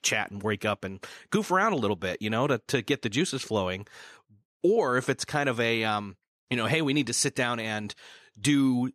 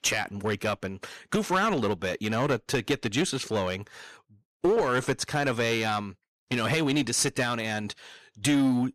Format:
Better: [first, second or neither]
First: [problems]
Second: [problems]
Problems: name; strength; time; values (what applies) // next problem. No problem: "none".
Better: first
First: none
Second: distortion; slight; 6% of the sound clipped